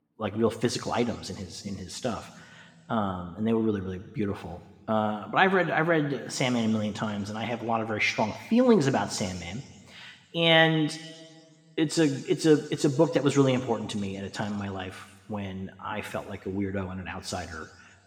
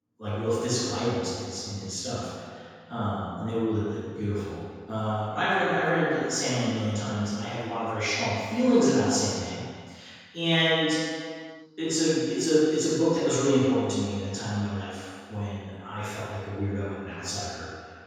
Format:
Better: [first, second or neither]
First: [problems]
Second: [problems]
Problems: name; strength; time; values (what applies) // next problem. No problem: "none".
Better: first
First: room echo; slight; dies away in 1.5 s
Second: room echo; strong; dies away in 1.8 s // off-mic speech; far